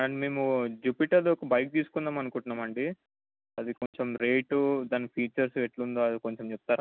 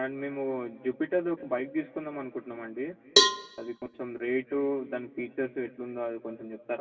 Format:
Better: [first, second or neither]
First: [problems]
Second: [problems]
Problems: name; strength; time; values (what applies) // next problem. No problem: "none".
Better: first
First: none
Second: background sound (Cowbell); 5 dB above the speech // room echo; dies away in 2.5 s